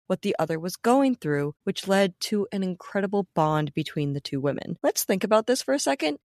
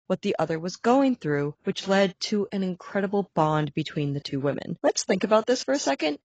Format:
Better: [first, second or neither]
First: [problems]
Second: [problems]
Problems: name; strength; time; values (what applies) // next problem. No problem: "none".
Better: first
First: none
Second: garbled, watery; badly; nothing above 7.5 kHz